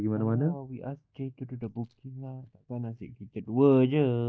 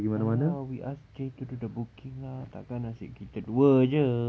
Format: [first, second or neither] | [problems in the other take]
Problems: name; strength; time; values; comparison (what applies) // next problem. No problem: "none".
second | noise reduction (neural mask model DeepFilterNet 3)